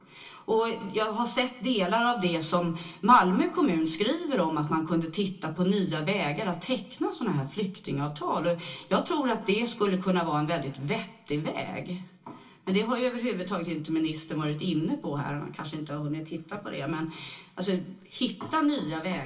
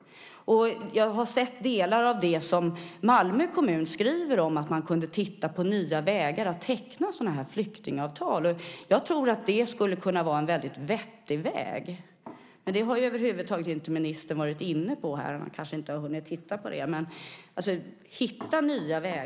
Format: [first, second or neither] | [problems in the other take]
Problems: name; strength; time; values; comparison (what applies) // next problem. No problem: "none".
second | room echo; dies away in 0.2 s